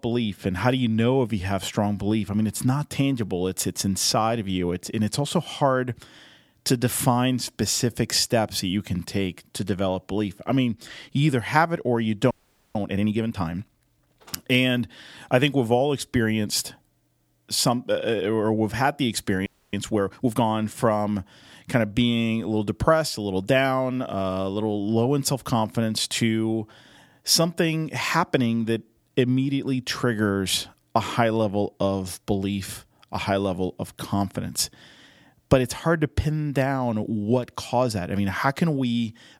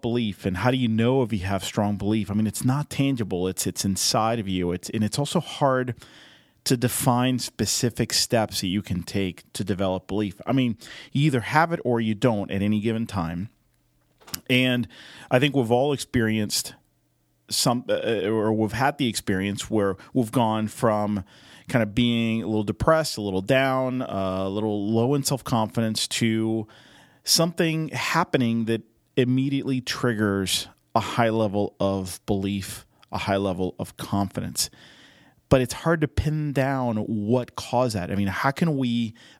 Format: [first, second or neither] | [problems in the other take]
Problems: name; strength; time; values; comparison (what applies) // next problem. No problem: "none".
second | audio freezing; at 12 s and at 19 s